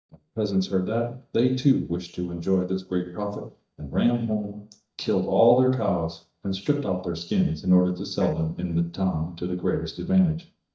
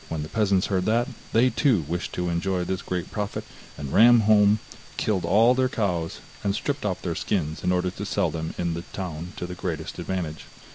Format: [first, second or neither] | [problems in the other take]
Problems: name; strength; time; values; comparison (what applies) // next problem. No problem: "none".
second | noise reduction (neural mask model DeepFilterNet 3)